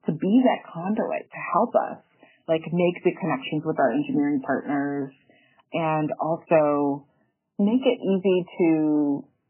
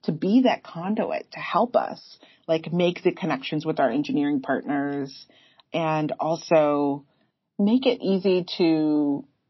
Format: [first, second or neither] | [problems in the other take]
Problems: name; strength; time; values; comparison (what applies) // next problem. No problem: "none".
second | garbled, watery; badly; nothing above 3 kHz; slightly in the second